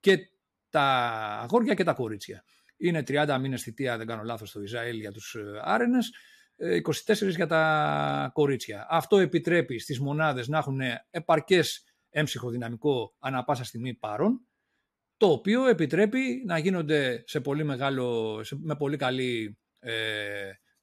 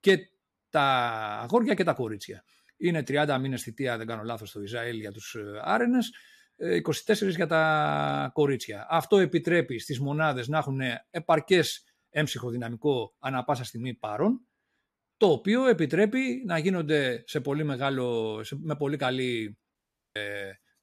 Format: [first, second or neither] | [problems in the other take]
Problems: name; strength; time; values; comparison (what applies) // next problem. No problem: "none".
first | audio cutting out; at 20 s